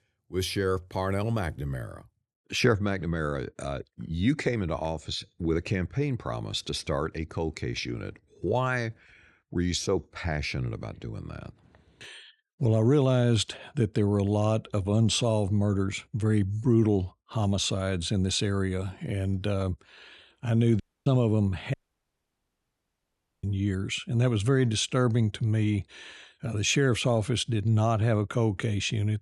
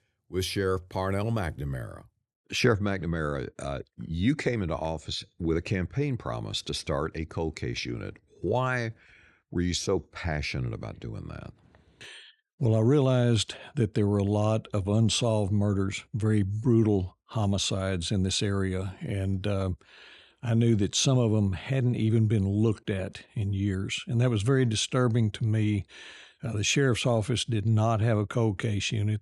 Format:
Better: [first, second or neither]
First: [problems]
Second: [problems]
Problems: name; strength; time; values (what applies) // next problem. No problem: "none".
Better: second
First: audio cutting out; at 21 s and at 22 s for 1.5 s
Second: none